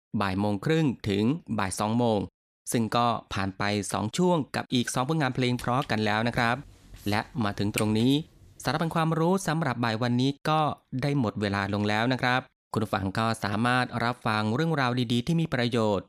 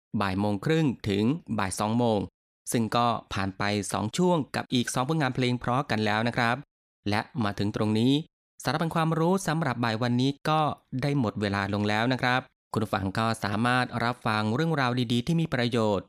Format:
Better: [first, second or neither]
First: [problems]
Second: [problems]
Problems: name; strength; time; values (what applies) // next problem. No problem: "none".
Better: second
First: footsteps; noticeable; from 5.5 to 8.5 s; peak 8 dB below the speech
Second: none